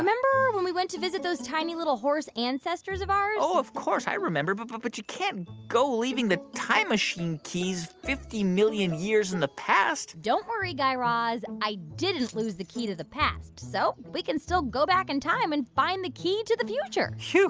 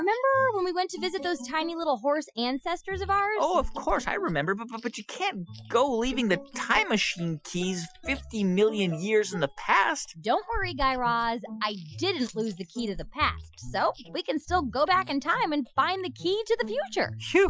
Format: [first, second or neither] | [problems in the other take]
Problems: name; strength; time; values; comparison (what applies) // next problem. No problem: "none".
first | noise reduction (classical method Wiener filter)